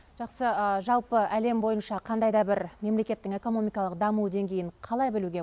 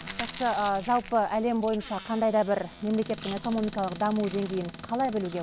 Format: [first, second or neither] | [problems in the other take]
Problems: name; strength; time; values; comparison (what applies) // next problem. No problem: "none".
first | background sound (Chewing, mastication + Squeak / Cupboard open or close); 14 dB below the speech